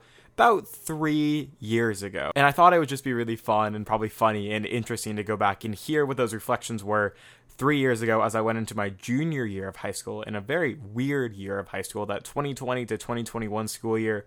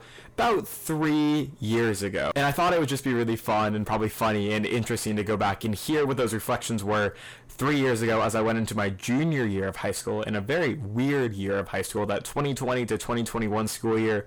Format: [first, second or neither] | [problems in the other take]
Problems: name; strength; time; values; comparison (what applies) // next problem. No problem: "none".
first | distortion; heavy; 5 dB below the speech